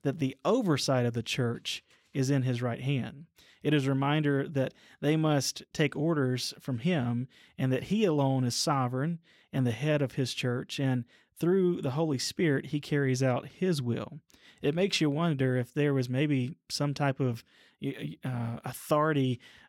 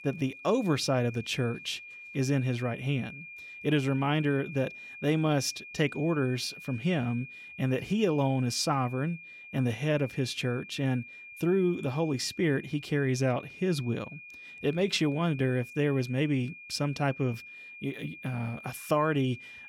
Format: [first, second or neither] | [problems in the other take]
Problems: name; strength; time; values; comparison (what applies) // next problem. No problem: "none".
first | high-pitched whine; noticeable; throughout; 2.5 kHz, 15 dB below the speech